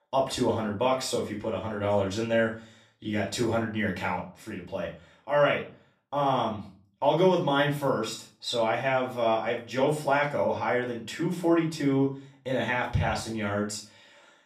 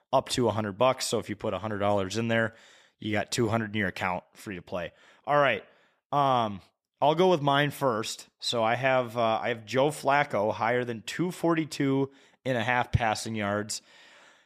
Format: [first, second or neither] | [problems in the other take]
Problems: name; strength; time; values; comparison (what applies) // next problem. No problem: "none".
second | off-mic speech; far // room echo; slight; dies away in 0.3 s